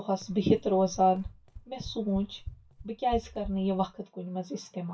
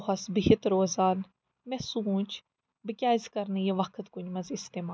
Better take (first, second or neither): second